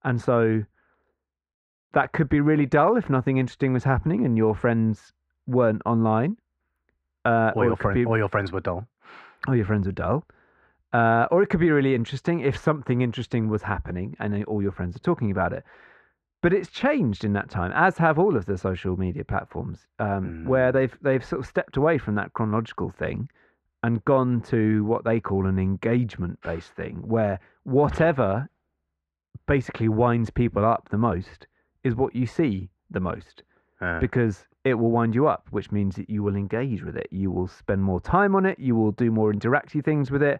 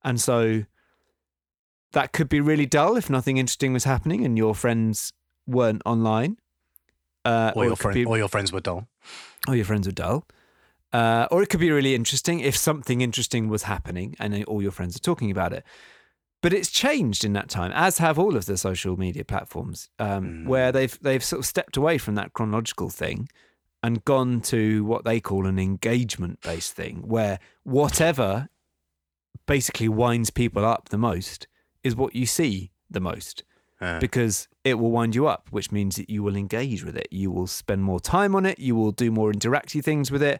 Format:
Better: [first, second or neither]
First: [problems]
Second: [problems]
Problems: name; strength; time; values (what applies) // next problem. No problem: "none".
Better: second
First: muffled; very; fading above 1.5 kHz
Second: none